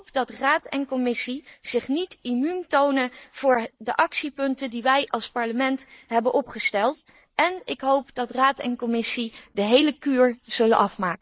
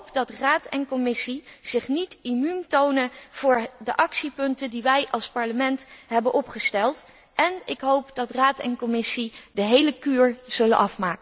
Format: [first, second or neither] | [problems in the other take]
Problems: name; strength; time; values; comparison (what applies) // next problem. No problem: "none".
second | noise reduction (neural mask model Resemble Enhance denoiser)